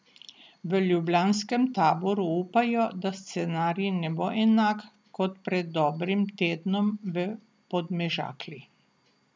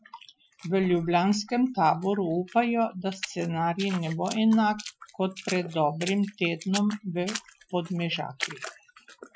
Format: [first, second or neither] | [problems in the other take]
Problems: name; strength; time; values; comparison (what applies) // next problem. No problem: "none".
first | noise reduction (classical method Wiener filter)